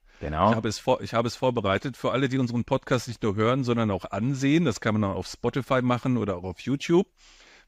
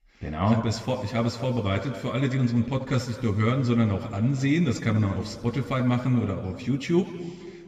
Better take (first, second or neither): first